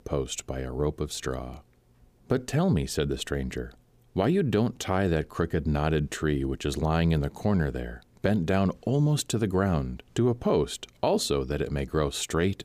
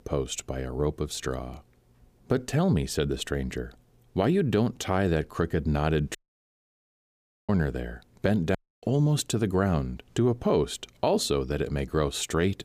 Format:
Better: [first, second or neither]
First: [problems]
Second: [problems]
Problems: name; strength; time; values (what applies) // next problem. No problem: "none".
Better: first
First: none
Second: audio cutting out; at 6 s for 1.5 s and at 8.5 s